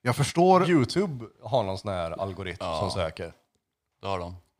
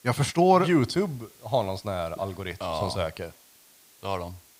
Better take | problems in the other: first | hiss; faint; throughout; 25 dB below the speech

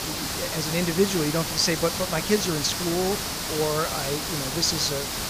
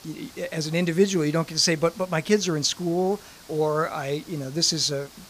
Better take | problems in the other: second | hiss; loud; throughout; 2 dB below the speech; faint in the second

